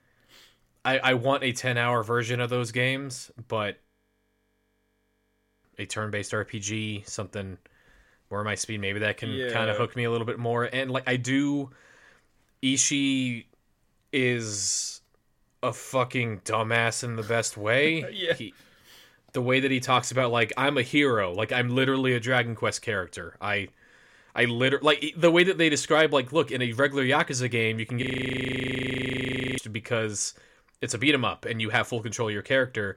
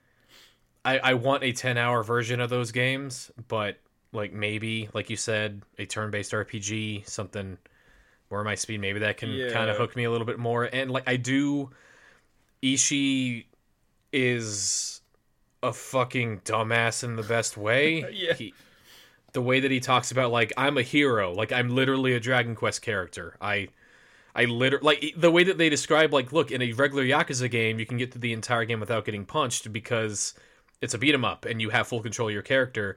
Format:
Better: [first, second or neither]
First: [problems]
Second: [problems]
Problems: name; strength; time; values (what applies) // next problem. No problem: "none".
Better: second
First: audio freezing; at 4 s for 2 s and at 28 s for 1.5 s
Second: none